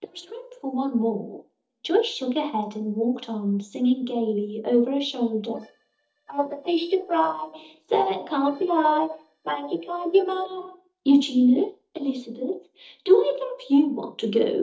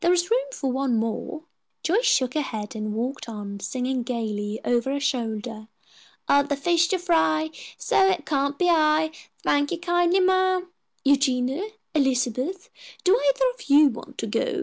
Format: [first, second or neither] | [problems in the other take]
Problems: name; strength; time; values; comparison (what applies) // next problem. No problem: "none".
second | noise reduction (neural mask model DeepFilterNet 3)